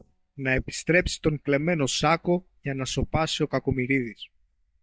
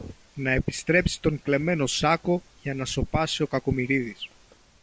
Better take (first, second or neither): second